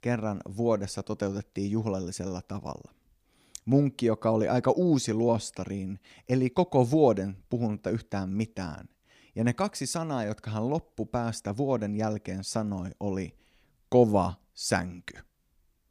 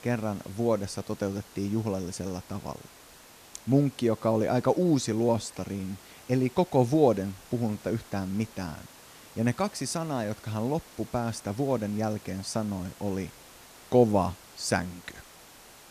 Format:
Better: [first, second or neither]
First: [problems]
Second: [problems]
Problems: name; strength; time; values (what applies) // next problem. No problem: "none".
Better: first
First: none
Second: hiss; faint; throughout; 20 dB below the speech